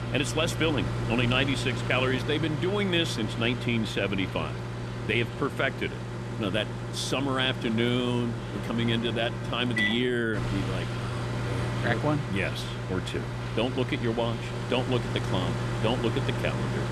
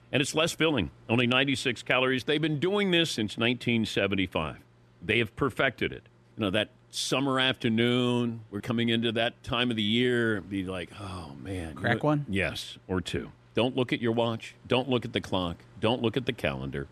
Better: second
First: household noises; loud; throughout; 3 dB below the speech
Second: household noises; faint; throughout; 30 dB below the speech

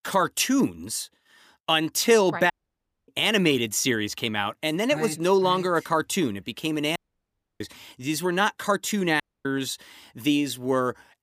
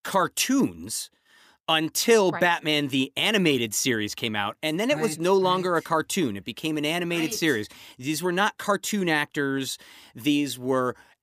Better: second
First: audio cutting out; at 2.5 s for 0.5 s, at 7 s for 0.5 s and at 9 s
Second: none

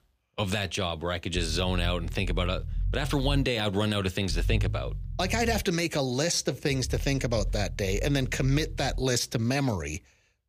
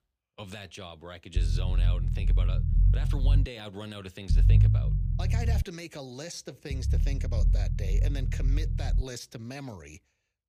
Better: first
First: low rumble; faint; from 1.5 to 3.5 s, from 4.5 to 5.5 s and from 6.5 to 9 s; 25 dB below the speech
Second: low rumble; loud; from 1.5 to 3.5 s, from 4.5 to 5.5 s and from 6.5 to 9 s; 2 dB below the speech

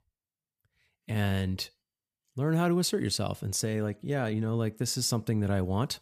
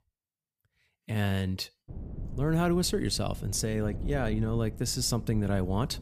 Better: first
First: none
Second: wind noise on the microphone; occasional gusts; from 2 s on; 20 dB below the speech

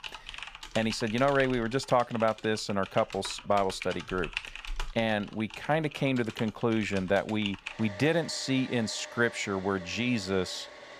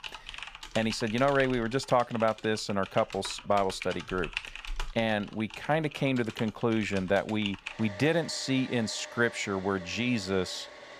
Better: neither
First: household noises; noticeable; throughout; 15 dB below the speech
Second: household noises; noticeable; throughout; 15 dB below the speech

